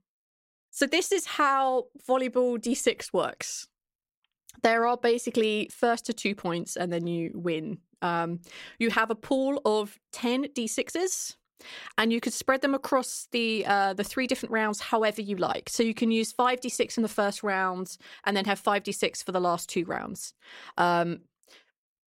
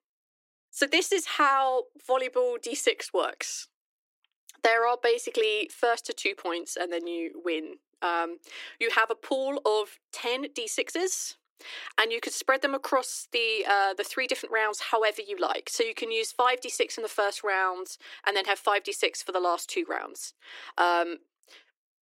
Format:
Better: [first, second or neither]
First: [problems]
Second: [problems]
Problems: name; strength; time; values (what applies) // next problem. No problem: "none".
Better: first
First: none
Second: thin; somewhat; fading below 300 Hz